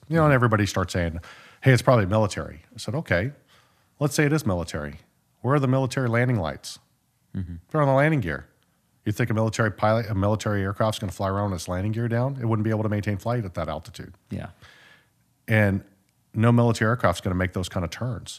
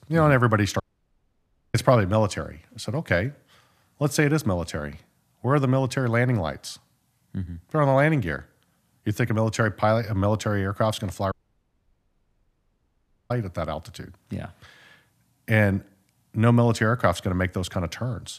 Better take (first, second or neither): first